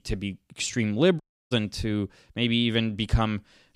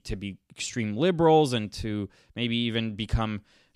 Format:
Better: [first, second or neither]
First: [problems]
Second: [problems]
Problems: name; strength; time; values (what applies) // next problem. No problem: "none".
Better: second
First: audio cutting out; at 1 s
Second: none